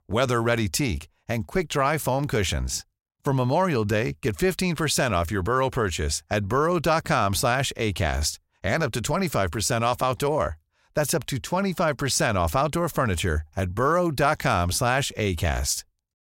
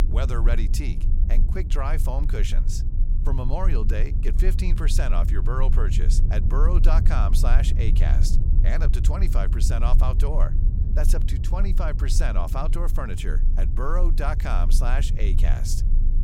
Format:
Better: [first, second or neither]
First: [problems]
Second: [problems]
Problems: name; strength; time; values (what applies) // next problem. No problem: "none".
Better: first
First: none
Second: low rumble; loud; throughout; 9 dB below the speech